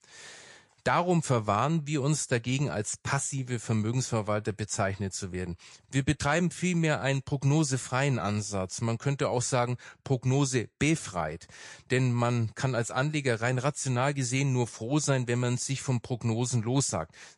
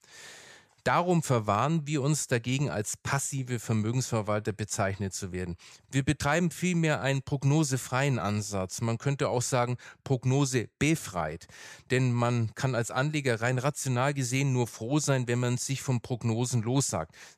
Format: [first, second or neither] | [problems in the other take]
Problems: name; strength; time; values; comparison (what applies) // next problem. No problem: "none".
second | garbled, watery; slightly